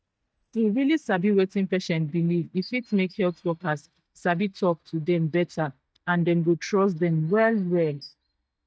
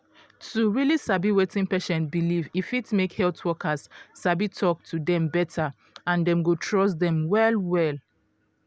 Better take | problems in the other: second | noise reduction (neural mask model DeepFilterNet 3)

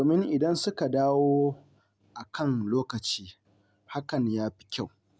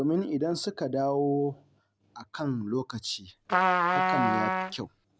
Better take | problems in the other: first | background sound (Trumpet); 4 dB above the speech

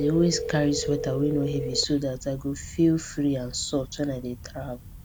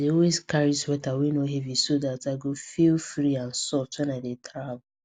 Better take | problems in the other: second | background sound (Telephone); 9 dB below the speech

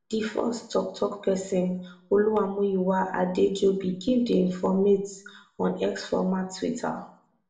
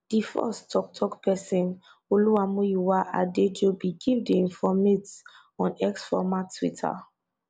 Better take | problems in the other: second | room echo; dies away in 0.4 s

